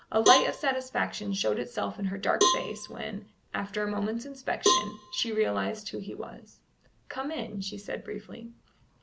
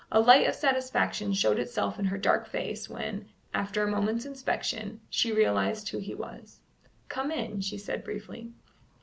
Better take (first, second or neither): second